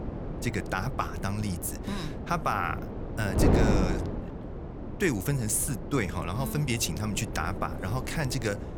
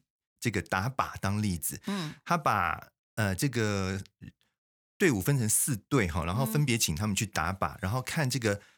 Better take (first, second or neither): second